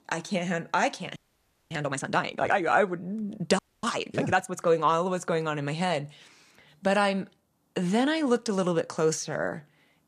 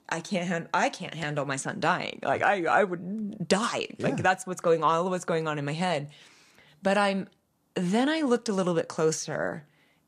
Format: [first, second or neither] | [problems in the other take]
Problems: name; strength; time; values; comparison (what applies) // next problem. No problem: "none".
second | audio freezing; at 1 s for 0.5 s and at 3.5 s